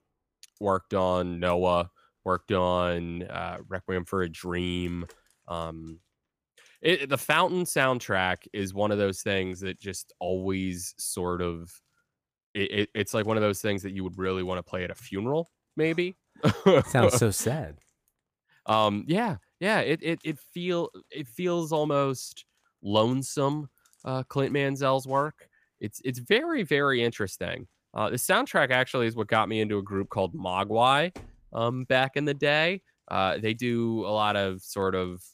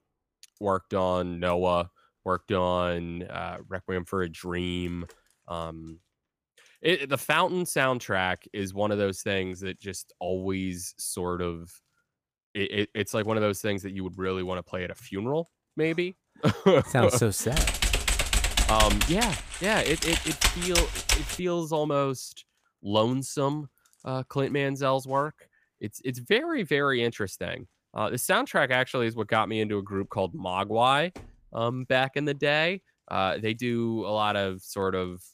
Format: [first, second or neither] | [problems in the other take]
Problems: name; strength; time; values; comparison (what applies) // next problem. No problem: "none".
first | keyboard typing; loud; from 18 to 21 s; peak 4 dB above the speech